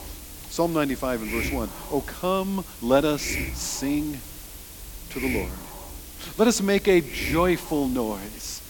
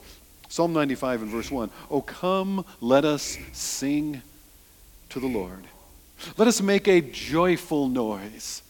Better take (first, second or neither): second